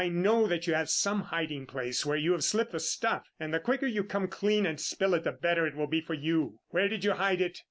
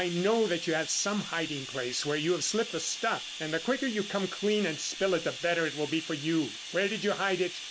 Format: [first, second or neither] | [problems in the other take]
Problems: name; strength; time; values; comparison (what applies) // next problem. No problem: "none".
first | background sound (Bathtub (filling or washing)); 10 dB below the speech